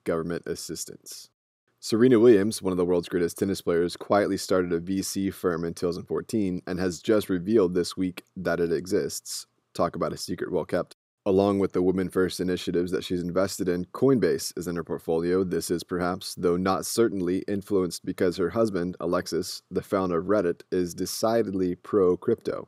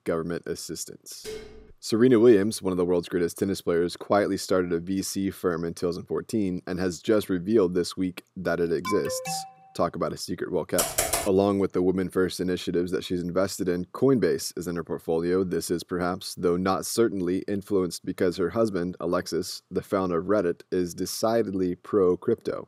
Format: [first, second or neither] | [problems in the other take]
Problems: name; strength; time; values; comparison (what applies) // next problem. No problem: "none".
first | clattering dishes; faint; at 1 s; peak 15 dB below the speech // alarm; noticeable; at 9 s; peak 6 dB below the speech // keyboard typing; loud; at 11 s; peak 2 dB above the speech